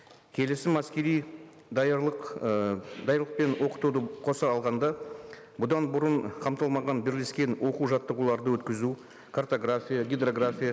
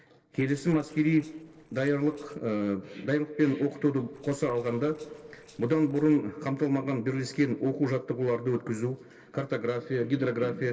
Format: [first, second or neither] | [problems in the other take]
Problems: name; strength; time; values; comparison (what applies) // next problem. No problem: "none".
first | noise reduction (neural separator model SepFormer DNS4)